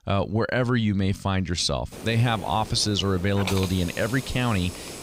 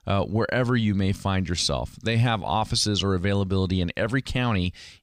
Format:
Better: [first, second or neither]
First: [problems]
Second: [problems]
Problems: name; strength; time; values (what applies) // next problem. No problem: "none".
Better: second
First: hiss; noticeable; from 2 s on; 10 dB below the speech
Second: none